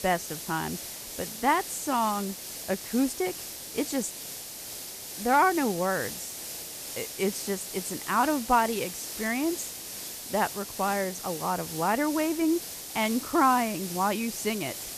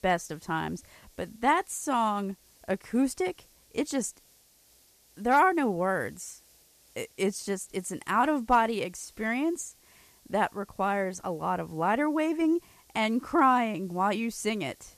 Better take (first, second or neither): second